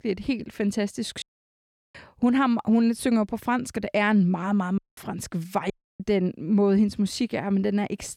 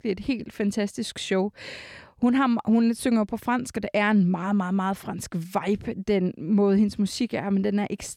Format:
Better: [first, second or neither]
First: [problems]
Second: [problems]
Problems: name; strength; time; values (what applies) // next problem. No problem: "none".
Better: second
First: audio cutting out; at 1 s for 0.5 s, at 5 s and at 5.5 s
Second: none